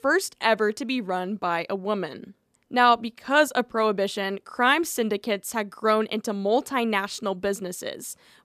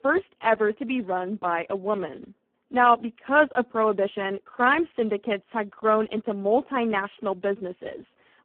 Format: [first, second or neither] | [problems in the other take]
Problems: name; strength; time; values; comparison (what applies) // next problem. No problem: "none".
first | phone-call audio; poor line